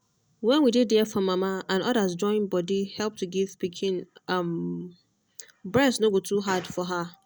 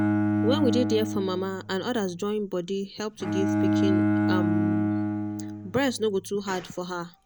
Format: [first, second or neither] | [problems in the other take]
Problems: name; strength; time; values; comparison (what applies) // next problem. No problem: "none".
first | background sound (Bowed string instrument); 2 dB above the speech